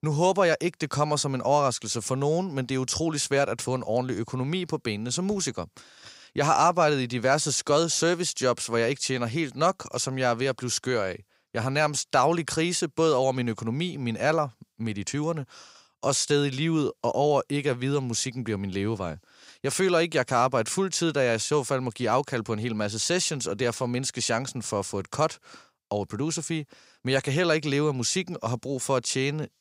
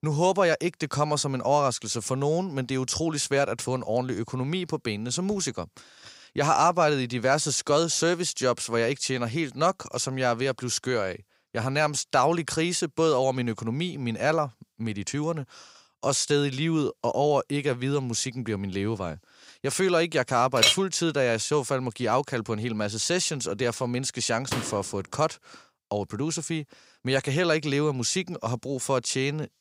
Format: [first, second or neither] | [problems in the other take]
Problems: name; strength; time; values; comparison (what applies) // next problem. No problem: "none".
first | clattering dishes; loud; at 21 s; peak 6 dB above the speech // door banging; noticeable; at 25 s; peak 6 dB below the speech